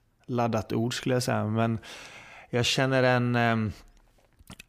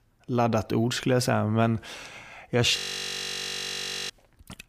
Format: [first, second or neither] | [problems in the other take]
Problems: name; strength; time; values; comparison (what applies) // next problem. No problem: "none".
first | audio freezing; at 3 s for 1.5 s